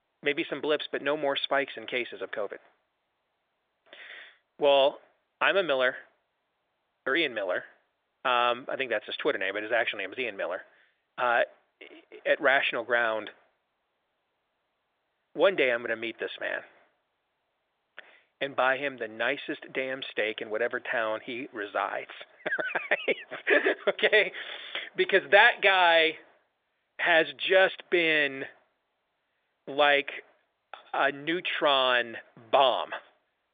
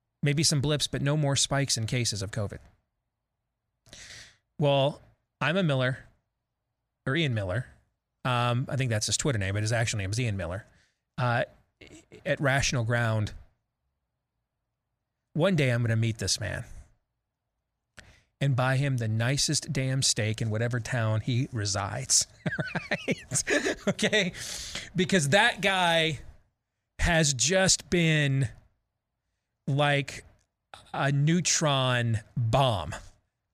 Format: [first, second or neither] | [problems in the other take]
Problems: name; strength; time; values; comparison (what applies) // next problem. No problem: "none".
second | phone-call audio